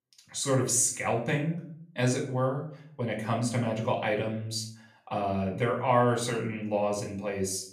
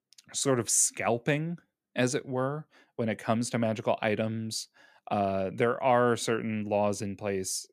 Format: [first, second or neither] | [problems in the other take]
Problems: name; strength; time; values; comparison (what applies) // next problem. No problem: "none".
second | off-mic speech; somewhat distant // room echo; slight; dies away in 0.5 s